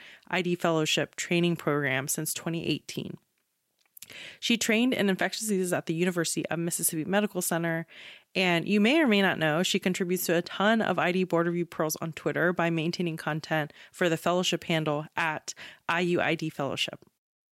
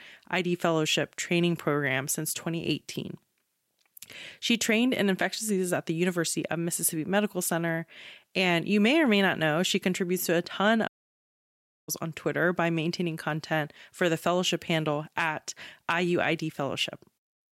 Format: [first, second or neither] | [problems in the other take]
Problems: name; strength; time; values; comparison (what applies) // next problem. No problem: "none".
first | audio cutting out; at 11 s for 1 s